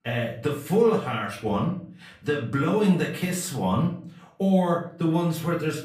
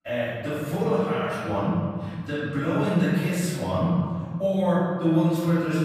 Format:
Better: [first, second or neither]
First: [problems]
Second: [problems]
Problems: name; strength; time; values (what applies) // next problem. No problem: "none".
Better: first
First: room echo; slight; dies away in 0.4 s // off-mic speech; far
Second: room echo; strong; dies away in 1.9 s // off-mic speech; far